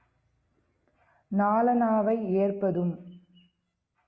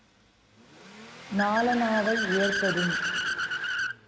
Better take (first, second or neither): first